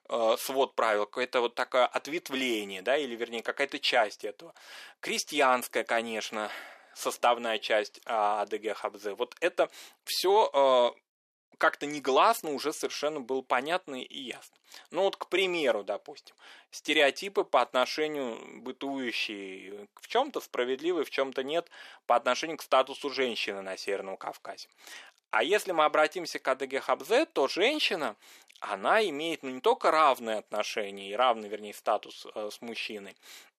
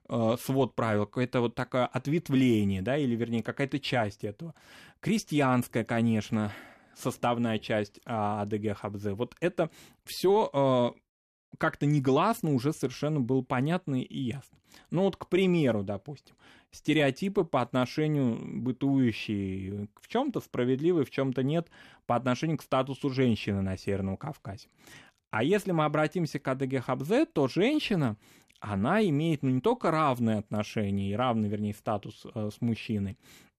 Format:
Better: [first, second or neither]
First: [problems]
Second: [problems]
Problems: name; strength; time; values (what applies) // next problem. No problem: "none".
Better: second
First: thin; very; fading below 450 Hz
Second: none